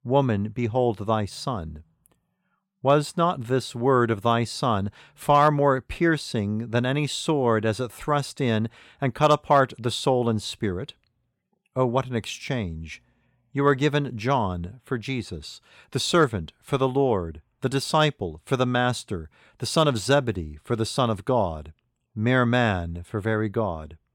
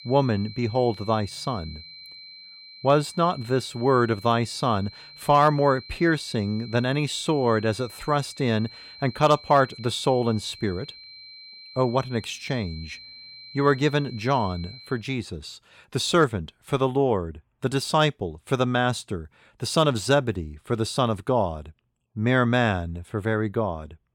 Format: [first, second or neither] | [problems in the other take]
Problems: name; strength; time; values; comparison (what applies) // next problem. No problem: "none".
first | high-pitched whine; noticeable; until 15 s; 4 kHz, 20 dB below the speech